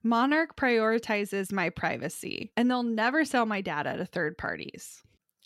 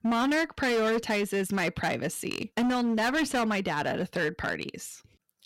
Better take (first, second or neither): first